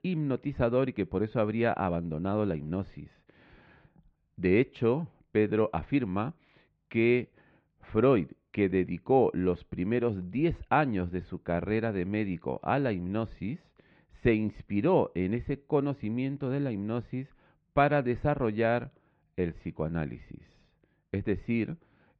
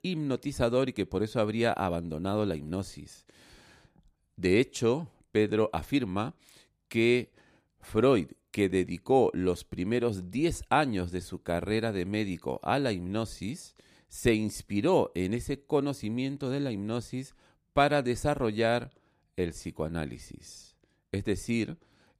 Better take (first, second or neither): second